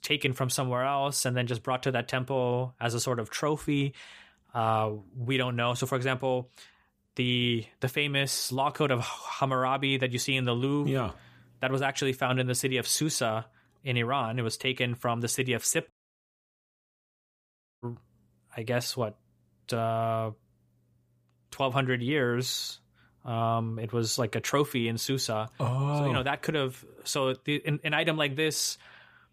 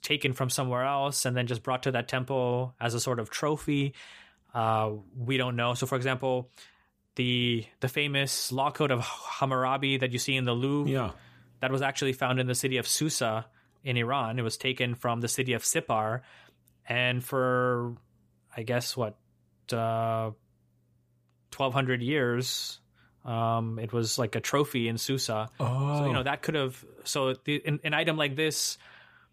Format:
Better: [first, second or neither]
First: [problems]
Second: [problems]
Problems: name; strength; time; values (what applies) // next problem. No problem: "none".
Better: second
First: audio cutting out; at 16 s for 2 s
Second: none